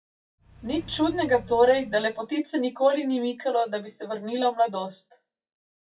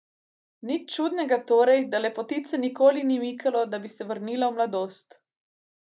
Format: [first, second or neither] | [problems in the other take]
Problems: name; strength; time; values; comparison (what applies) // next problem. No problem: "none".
second | noise reduction (classical method WPE with log-MMSE)